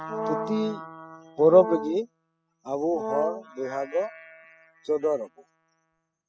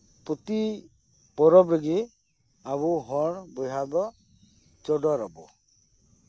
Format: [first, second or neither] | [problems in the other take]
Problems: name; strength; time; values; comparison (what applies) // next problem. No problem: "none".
second | noise reduction (classical method spectral subtraction)